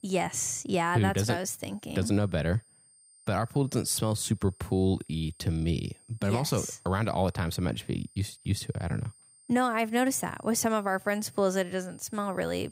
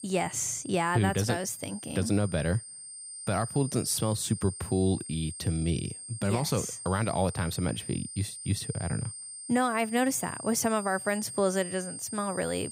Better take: first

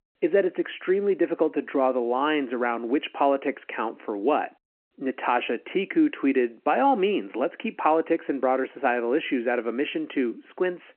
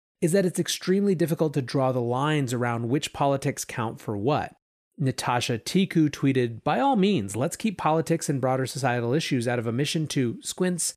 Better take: second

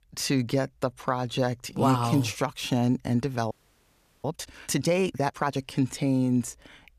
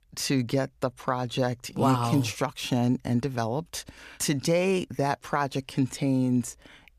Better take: second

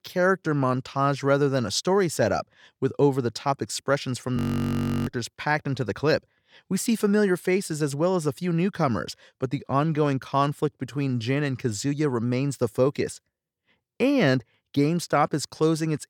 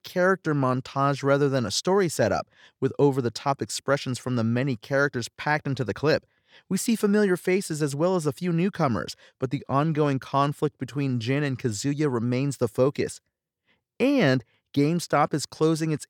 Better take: second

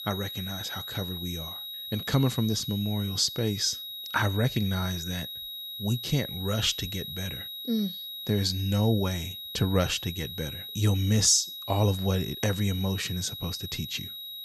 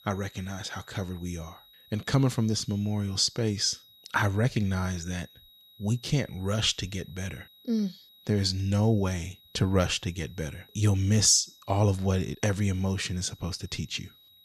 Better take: second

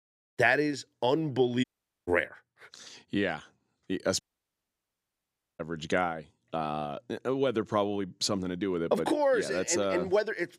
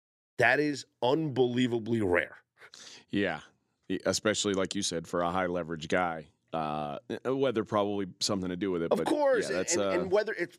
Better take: second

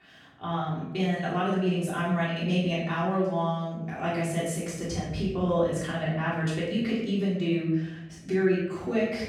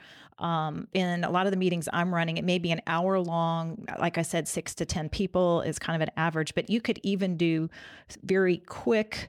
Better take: second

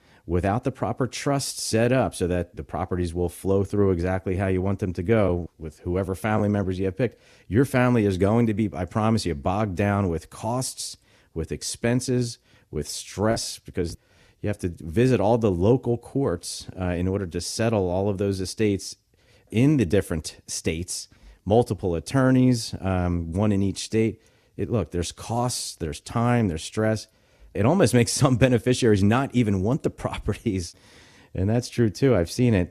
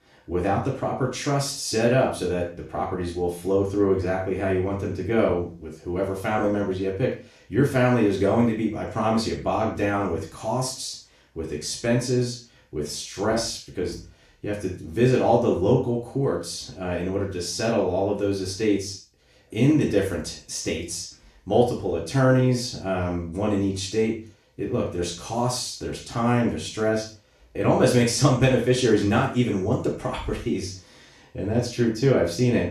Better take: first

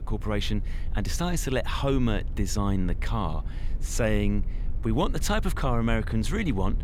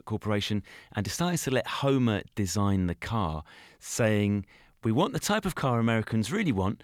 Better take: second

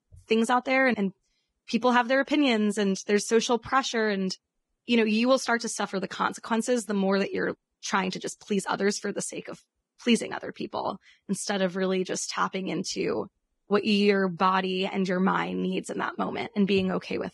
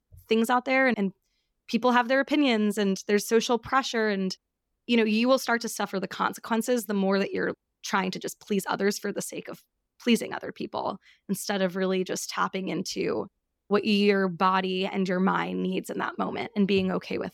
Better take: second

